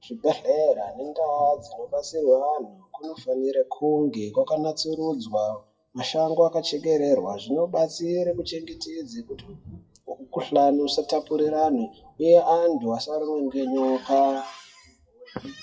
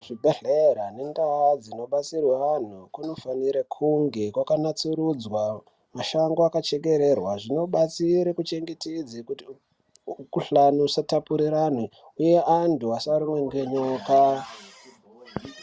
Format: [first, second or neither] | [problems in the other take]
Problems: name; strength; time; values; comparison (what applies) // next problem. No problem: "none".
second | noise reduction (classical method WPE with log-MMSE)